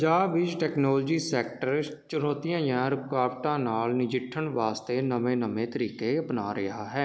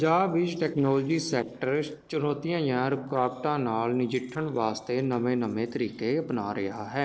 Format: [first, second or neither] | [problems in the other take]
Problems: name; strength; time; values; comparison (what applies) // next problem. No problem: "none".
first | noise reduction (neural separator model SepFormer DNS4)